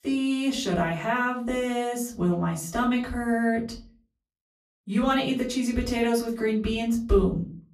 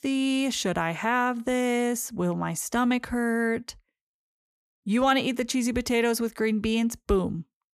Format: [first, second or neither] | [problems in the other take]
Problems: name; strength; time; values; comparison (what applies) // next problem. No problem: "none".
second | room echo; slight; dies away in 0.4 s // off-mic speech; far